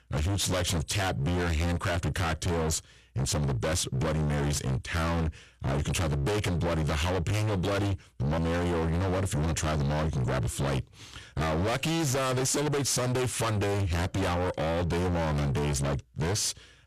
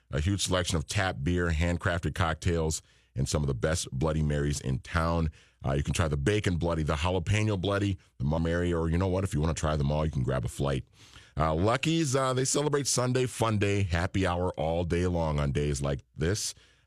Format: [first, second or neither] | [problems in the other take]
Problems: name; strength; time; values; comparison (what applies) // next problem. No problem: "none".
second | distortion; heavy; 43% of the sound clipped